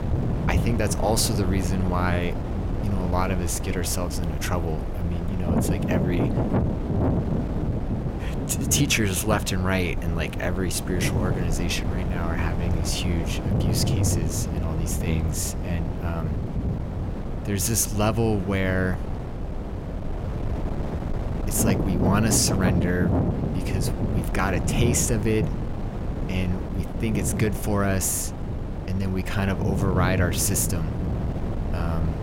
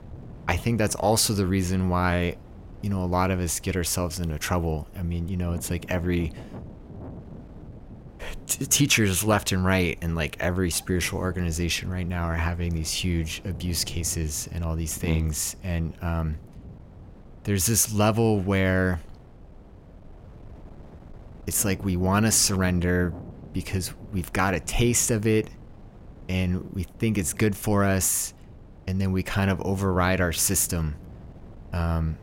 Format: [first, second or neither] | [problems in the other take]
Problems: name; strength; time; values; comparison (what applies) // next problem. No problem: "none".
second | wind noise on the microphone; heavy; 6 dB below the speech; occasional gusts in the second